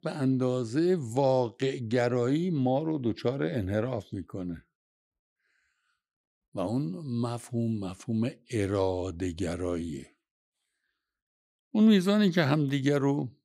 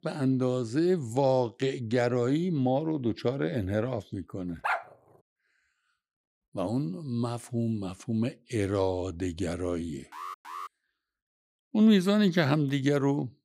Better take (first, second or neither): first